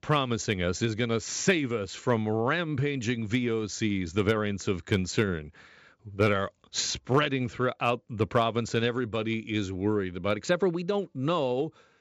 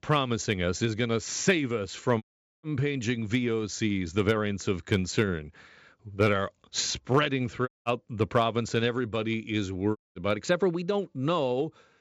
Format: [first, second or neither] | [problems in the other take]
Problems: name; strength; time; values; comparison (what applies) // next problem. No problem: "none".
first | audio cutting out; at 2 s, at 7.5 s and at 10 s